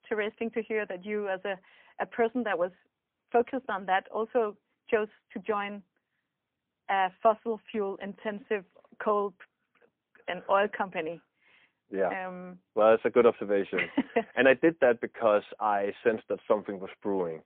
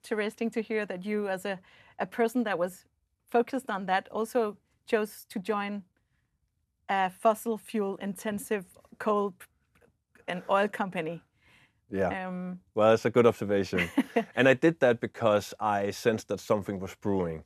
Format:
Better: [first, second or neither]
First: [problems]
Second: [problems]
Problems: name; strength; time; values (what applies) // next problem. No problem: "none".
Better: second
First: phone-call audio; poor line; nothing above 3.5 kHz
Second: none